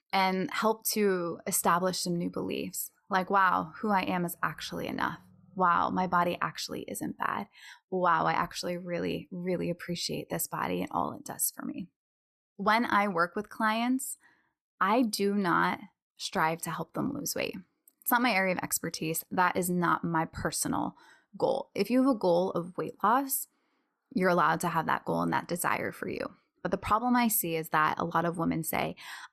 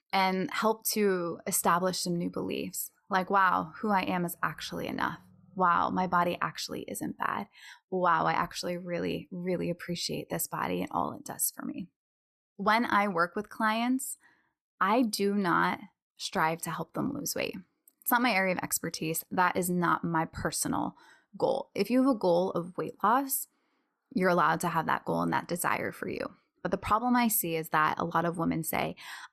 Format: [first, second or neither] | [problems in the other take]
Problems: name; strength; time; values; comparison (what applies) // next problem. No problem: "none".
neither | none